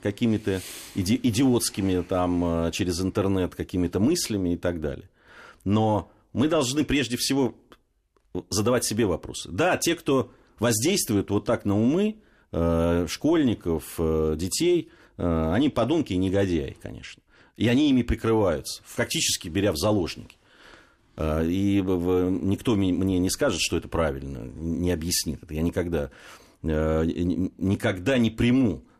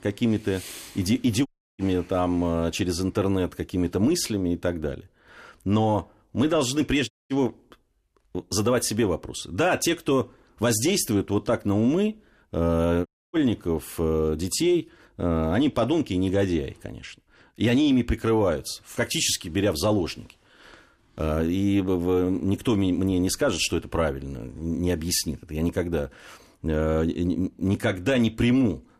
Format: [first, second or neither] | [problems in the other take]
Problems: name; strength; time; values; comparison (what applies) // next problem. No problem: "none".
first | audio cutting out; at 1.5 s, at 7 s and at 13 s